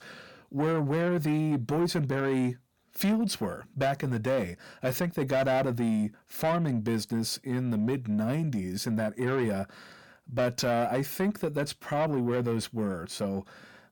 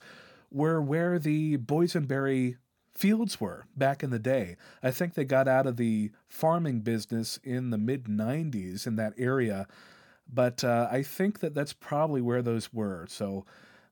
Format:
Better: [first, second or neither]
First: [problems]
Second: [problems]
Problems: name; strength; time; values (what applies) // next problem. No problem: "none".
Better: second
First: distortion; slight; 10 dB below the speech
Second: none